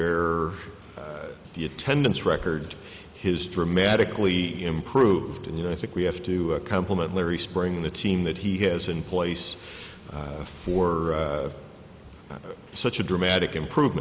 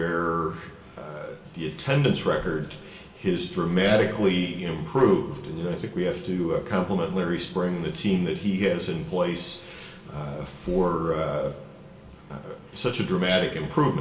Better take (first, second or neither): first